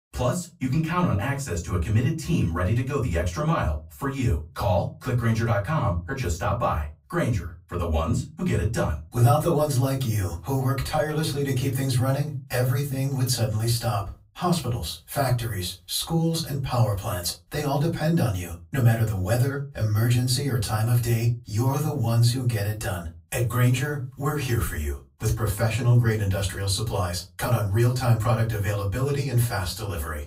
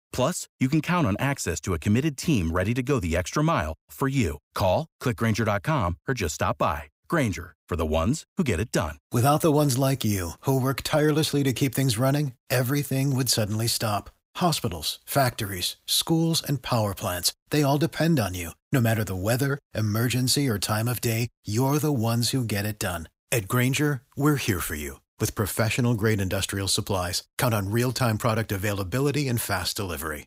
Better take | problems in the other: second | off-mic speech; far // room echo; very slight; dies away in 0.3 s

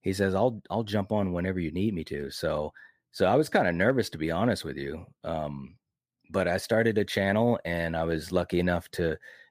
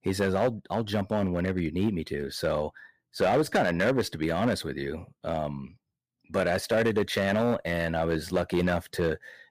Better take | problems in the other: first | distortion; slight; 4% of the sound clipped

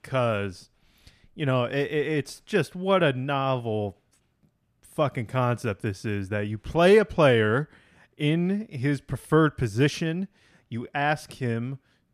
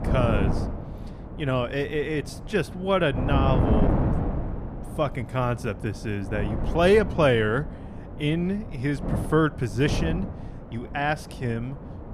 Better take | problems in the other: first | wind noise on the microphone; heavy; 10 dB below the speech

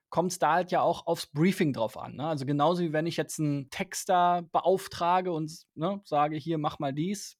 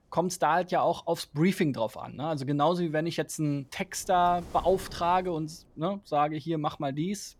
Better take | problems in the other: first | wind noise on the microphone; occasional gusts; 25 dB below the speech

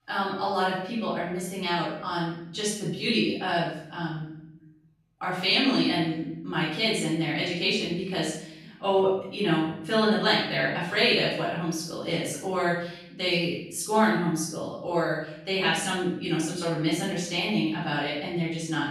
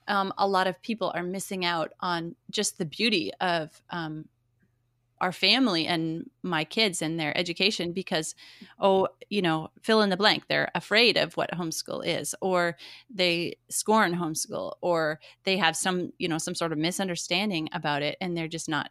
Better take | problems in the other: second | off-mic speech; far // room echo; noticeable; dies away in 0.8 s

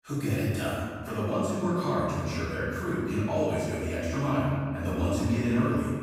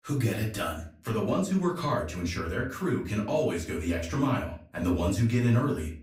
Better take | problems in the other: second | room echo; strong; dies away in 1.6 s; slight in the second // off-mic speech; far; far in the second

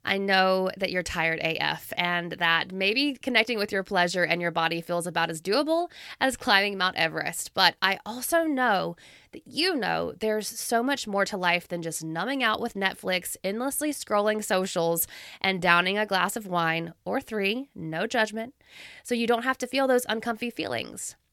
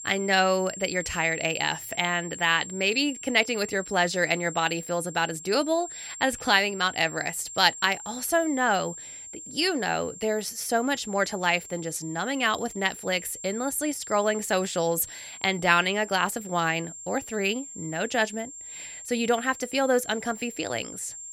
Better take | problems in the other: first | high-pitched whine; noticeable; throughout; 7.5 kHz, 10 dB below the speech

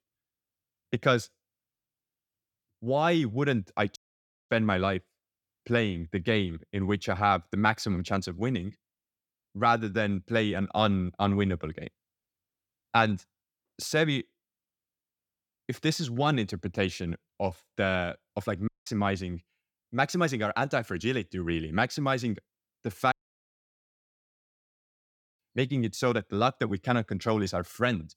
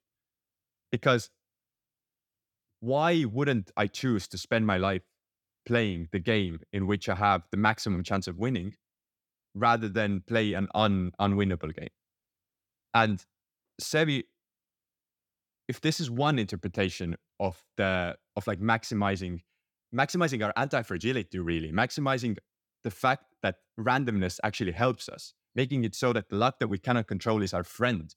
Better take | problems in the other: second | audio cutting out; at 4 s for 0.5 s, at 19 s and at 23 s for 2.5 s

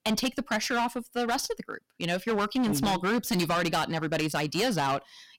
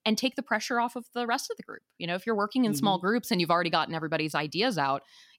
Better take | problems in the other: second | distortion; heavy; 19% of the sound clipped

